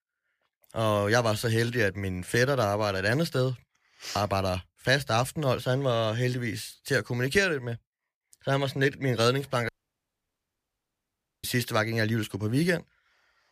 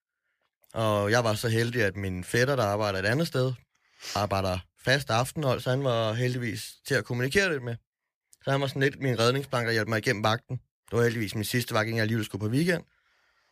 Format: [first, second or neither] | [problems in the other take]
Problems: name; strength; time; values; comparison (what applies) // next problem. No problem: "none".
second | audio cutting out; at 9.5 s for 1.5 s